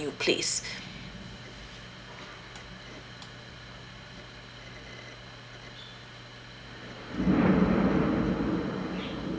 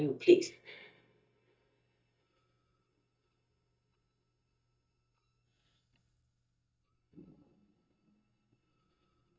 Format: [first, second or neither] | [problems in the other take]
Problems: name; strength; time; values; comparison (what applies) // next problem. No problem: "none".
first | noise reduction (neural mask model DeepFilterNet 3)